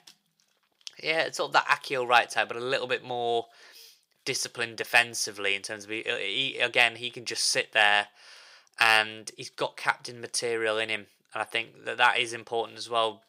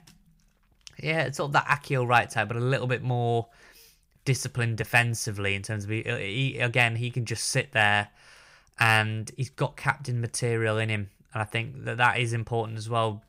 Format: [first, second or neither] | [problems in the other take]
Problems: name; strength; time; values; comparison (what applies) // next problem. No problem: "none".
second | thin; very; fading below 450 Hz